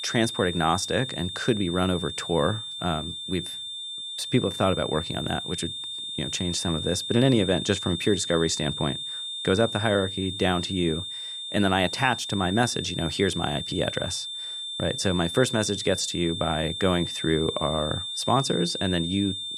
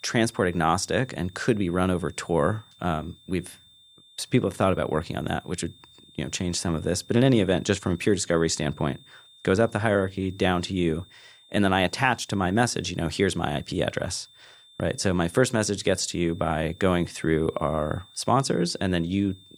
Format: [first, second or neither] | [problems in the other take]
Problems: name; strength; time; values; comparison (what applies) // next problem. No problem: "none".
second | high-pitched whine; loud; throughout; 3.5 kHz, 5 dB below the speech; faint in the second